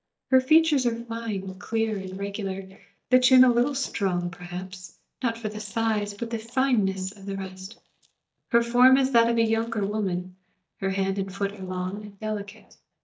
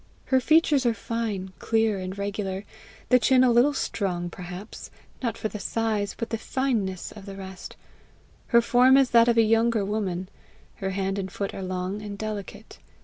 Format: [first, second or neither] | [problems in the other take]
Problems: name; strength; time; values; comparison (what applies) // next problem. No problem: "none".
second | noise reduction (neural mask model DeepFilterNet 3)